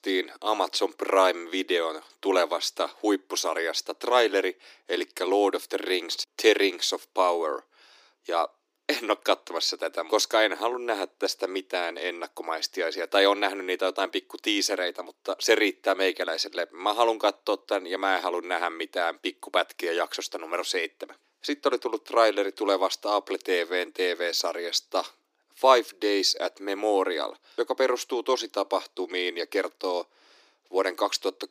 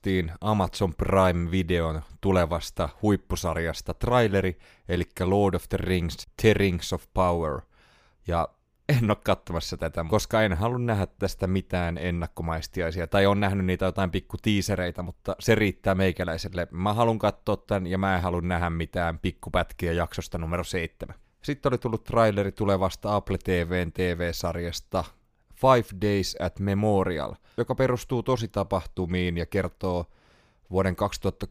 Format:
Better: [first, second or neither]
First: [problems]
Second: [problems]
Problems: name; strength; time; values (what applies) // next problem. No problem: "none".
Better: second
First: thin; somewhat; fading below 300 Hz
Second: none